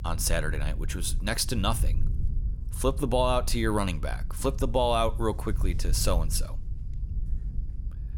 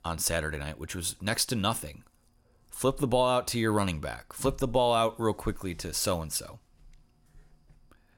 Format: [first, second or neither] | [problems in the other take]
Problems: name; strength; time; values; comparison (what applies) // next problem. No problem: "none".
second | low rumble; faint; throughout; 20 dB below the speech